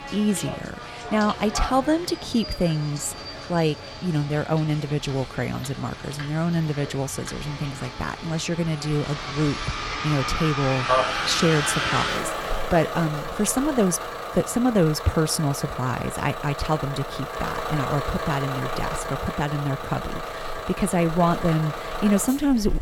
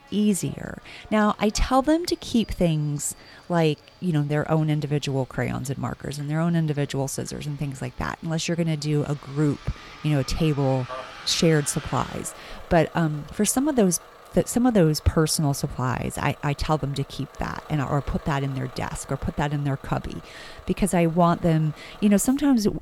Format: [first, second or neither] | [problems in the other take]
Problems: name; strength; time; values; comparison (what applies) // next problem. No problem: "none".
second | traffic noise; loud; throughout; 5 dB below the speech; faint in the second